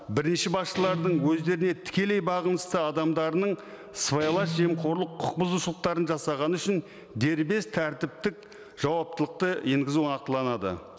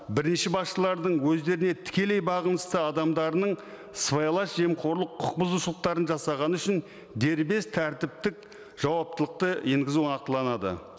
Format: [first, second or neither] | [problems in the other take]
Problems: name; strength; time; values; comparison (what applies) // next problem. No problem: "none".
second | background sound (Guitar); 11 dB below the speech